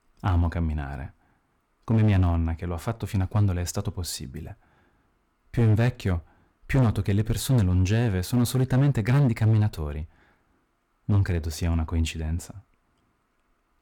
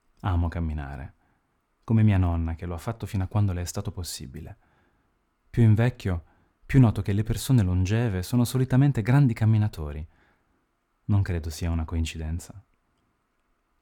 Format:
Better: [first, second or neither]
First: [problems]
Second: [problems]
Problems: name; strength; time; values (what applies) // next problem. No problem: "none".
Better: second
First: distortion; slight; 6% of the sound clipped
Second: none